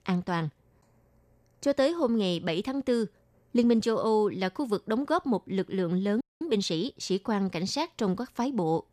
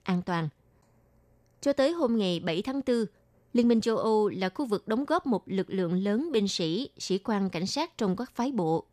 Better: second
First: audio freezing; at 6 s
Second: none

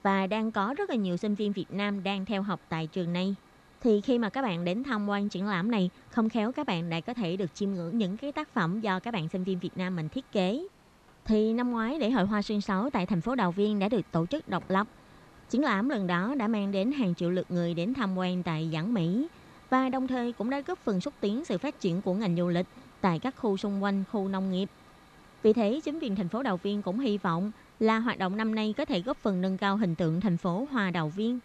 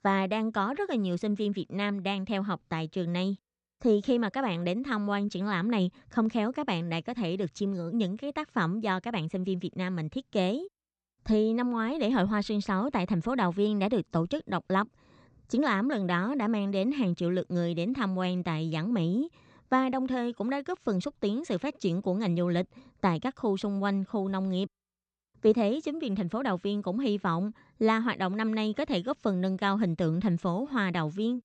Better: second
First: hiss; faint; throughout; 25 dB below the speech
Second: none

